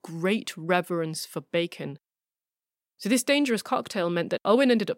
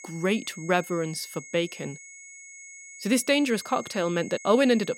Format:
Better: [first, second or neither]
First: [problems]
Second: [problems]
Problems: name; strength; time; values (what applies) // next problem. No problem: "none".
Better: first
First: none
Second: high-pitched whine; noticeable; throughout; 2 kHz, 15 dB below the speech